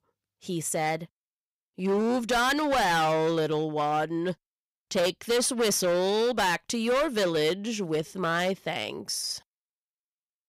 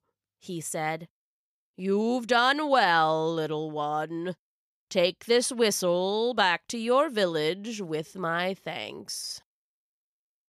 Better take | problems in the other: second | distortion; heavy; 13% of the sound clipped

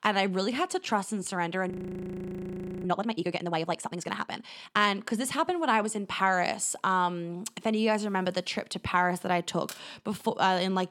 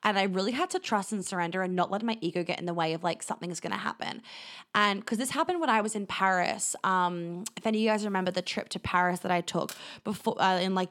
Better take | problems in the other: second | audio freezing; at 1.5 s for 1 s

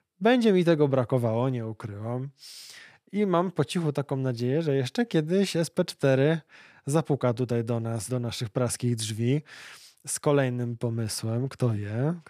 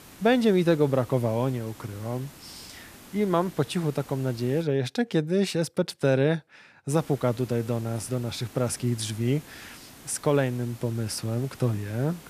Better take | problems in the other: first | hiss; faint; until 4.5 s and from 7 s on; 20 dB below the speech

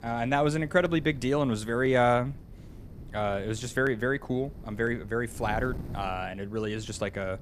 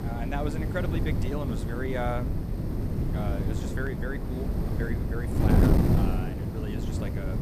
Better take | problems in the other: first | wind noise on the microphone; heavy; as loud as the speech; occasional gusts in the first

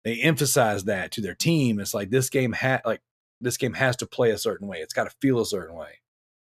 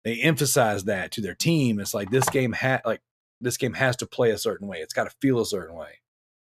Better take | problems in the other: first | phone ringing; noticeable; at 2 s; peak 6 dB below the speech

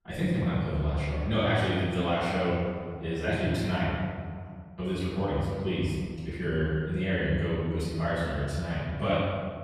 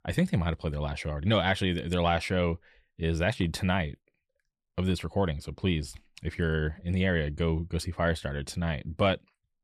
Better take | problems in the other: second | off-mic speech; far // room echo; strong; dies away in 1.8 s

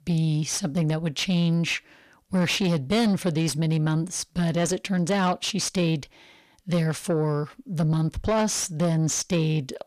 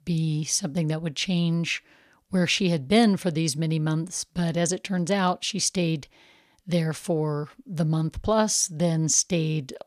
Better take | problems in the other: second | distortion; slight; 10 dB below the speech

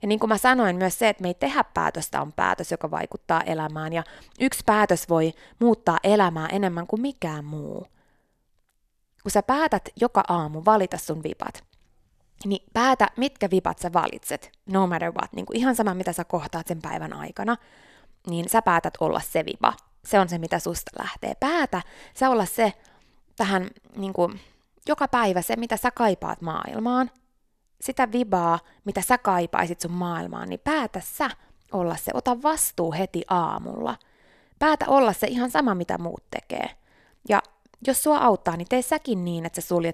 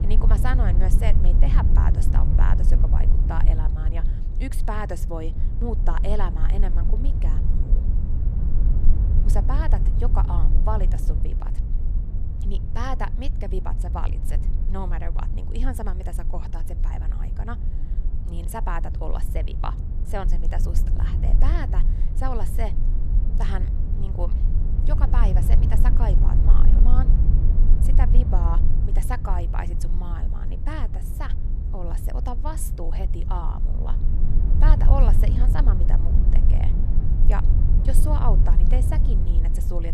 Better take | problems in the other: first | low rumble; loud; throughout; 6 dB below the speech

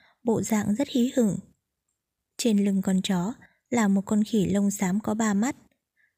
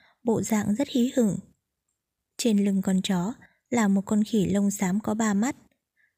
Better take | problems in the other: neither | none

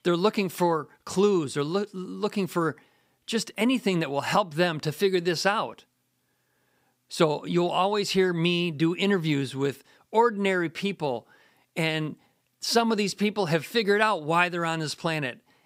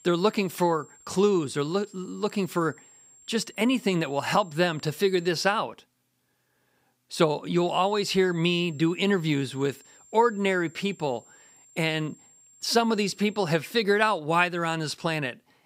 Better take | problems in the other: first | high-pitched whine; faint; until 5.5 s and from 7.5 to 14 s; 7.5 kHz, 25 dB below the speech

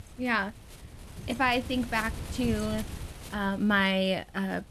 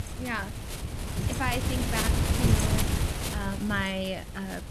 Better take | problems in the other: first | wind noise on the microphone; heavy; 1 dB below the speech; occasional gusts in the first

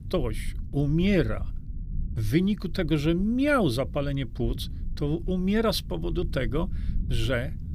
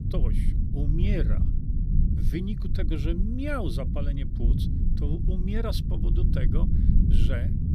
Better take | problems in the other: first | low rumble; loud; throughout; 3 dB below the speech; faint in the first

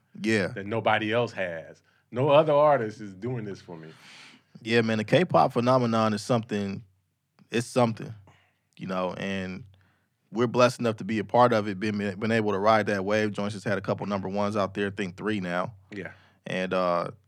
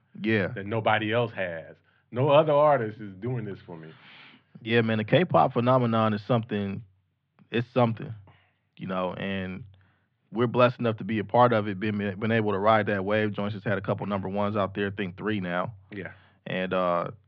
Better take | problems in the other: first | muffled; very; fading above 3.5 kHz

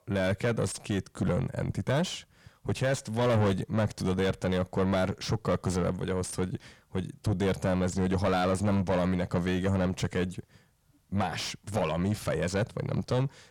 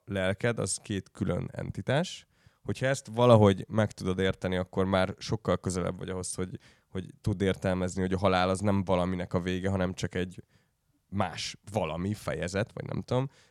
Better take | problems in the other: second | distortion; heavy; 6 dB below the speech

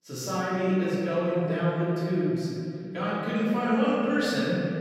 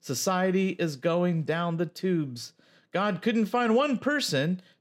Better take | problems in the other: second | off-mic speech; far // room echo; strong; dies away in 3 s

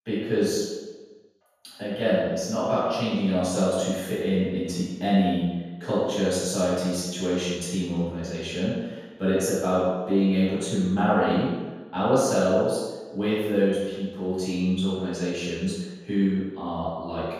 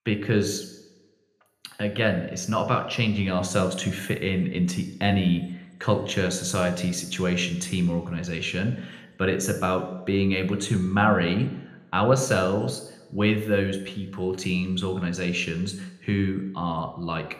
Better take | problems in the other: second | room echo; strong; dies away in 1.1 s; slight in the second // off-mic speech; far

